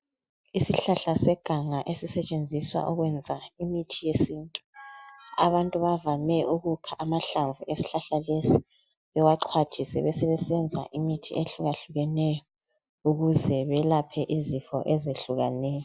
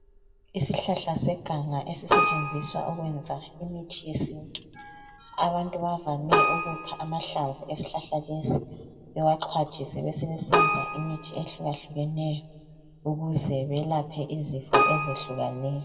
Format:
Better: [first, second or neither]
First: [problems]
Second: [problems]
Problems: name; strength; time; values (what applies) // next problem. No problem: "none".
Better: first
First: none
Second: background sound (Keyboard (musical)); 1 dB below the speech // room echo; dies away in 1.3 s